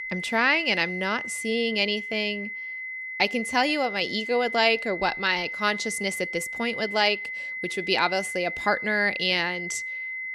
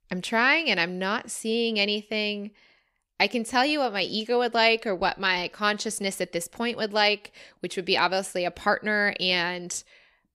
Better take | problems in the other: second | high-pitched whine; loud; throughout; 2 kHz, 6 dB below the speech

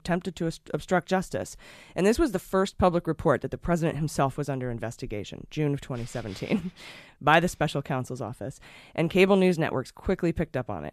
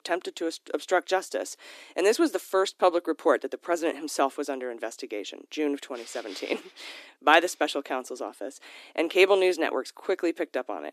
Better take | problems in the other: first | thin; somewhat; fading below 300 Hz

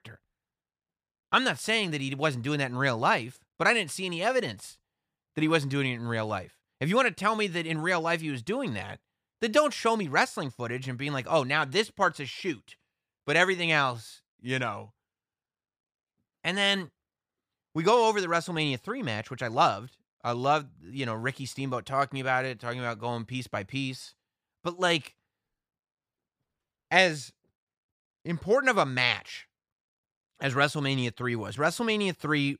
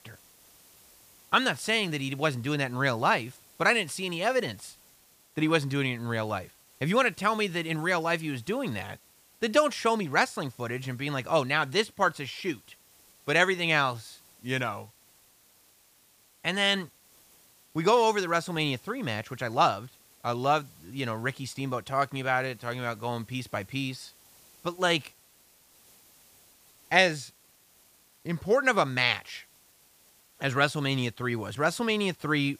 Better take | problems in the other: first | hiss; faint; throughout; 30 dB below the speech

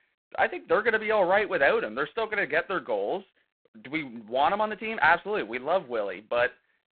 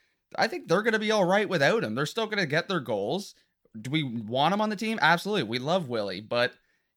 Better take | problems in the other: second | phone-call audio; poor line; nothing above 4 kHz

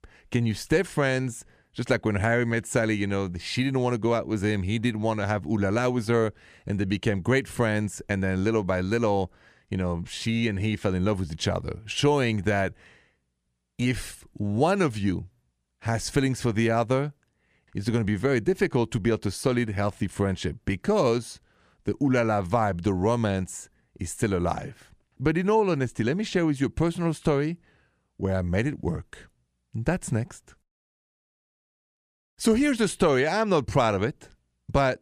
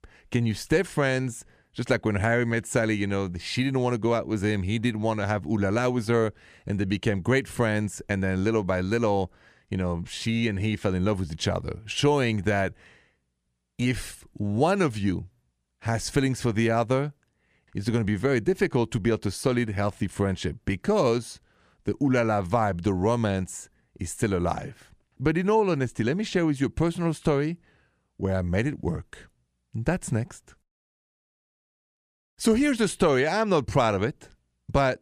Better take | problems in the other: neither | none

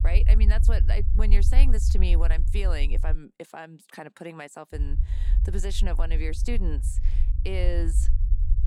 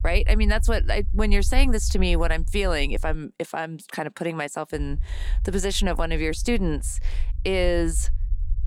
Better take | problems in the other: second | low rumble; loud; until 3 s and from 4.5 s on; 10 dB below the speech; faint in the second

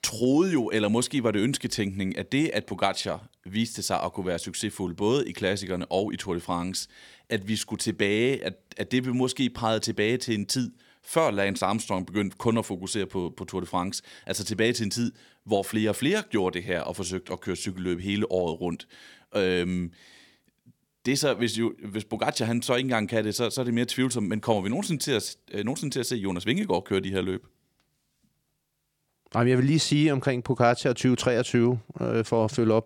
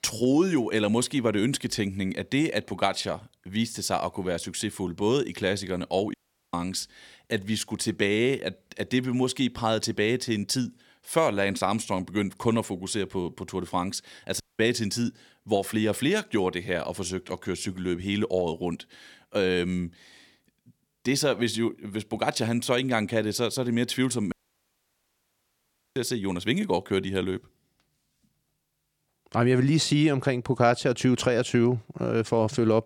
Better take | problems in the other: first | audio cutting out; at 6 s, at 14 s and at 24 s for 1.5 s

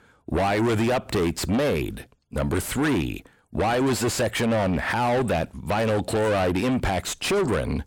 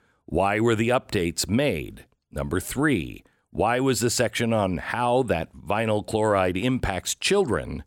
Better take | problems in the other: second | distortion; heavy; 5 dB below the speech

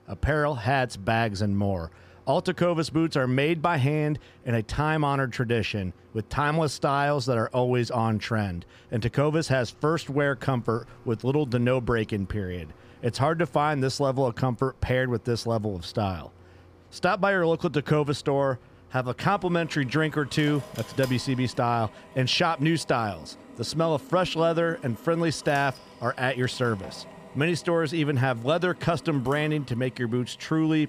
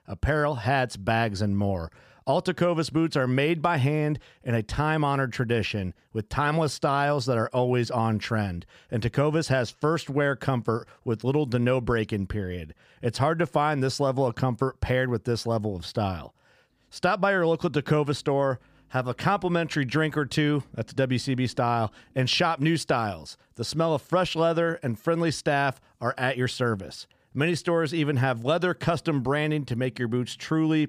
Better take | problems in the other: second | machinery noise; faint; throughout; 25 dB below the speech

